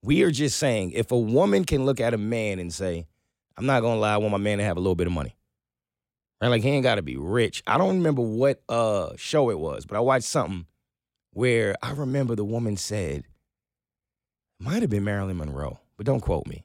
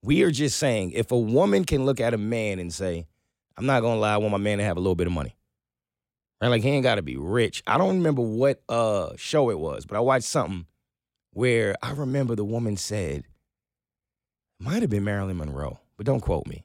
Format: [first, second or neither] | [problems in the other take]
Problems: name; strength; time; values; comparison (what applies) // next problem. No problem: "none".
neither | none